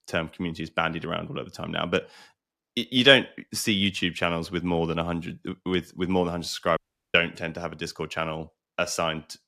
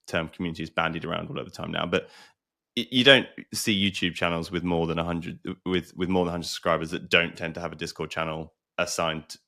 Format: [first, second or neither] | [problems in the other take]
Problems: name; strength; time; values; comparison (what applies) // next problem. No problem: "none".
second | audio cutting out; at 7 s